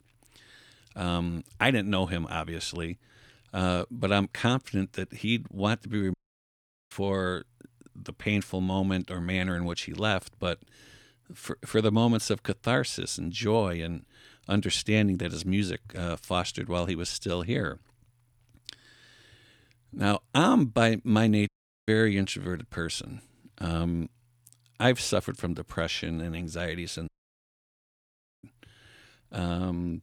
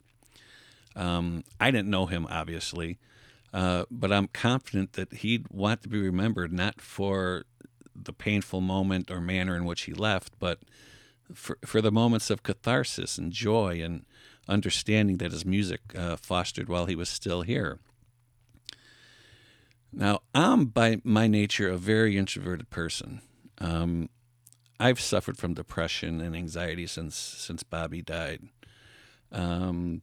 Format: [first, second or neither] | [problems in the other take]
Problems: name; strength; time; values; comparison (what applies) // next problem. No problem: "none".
second | audio cutting out; at 6 s for 1 s, at 21 s and at 27 s for 1.5 s